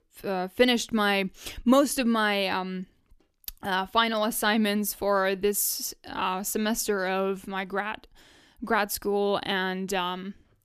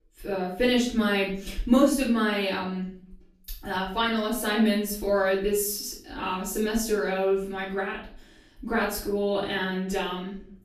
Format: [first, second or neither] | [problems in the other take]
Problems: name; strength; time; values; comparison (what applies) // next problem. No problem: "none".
first | off-mic speech; far // room echo; noticeable; dies away in 0.5 s